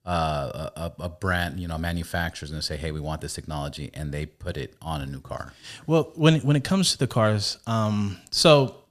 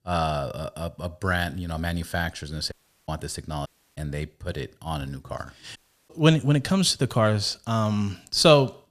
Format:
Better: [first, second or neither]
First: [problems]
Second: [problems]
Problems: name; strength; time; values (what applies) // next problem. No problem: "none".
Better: first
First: none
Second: audio cutting out; at 2.5 s, at 3.5 s and at 6 s